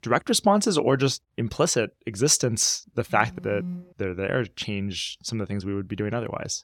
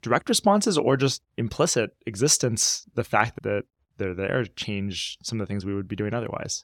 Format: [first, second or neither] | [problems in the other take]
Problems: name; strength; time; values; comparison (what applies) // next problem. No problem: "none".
second | phone ringing; noticeable; at 3 s; peak 10 dB below the speech